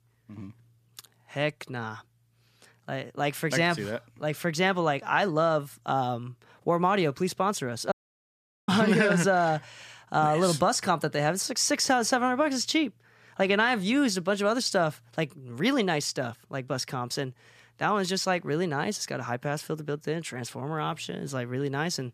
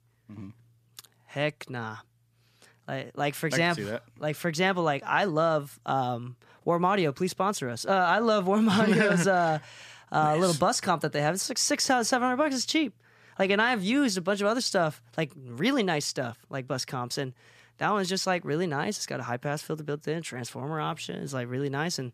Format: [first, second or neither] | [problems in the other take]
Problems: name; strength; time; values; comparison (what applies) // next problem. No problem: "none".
second | audio cutting out; at 8 s for 1 s